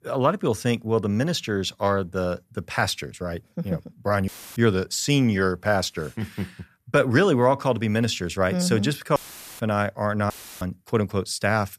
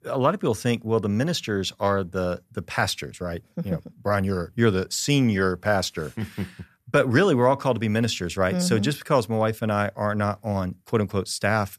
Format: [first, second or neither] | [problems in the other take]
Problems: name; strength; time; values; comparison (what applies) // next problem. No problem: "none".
second | audio cutting out; filled with static; at 4.5 s, at 9 s and at 10 s